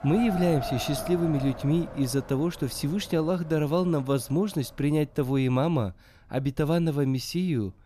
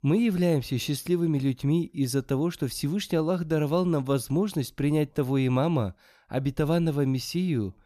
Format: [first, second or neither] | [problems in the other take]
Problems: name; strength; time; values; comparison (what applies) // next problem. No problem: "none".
second | wind in the background; noticeable; throughout; 10 dB below the speech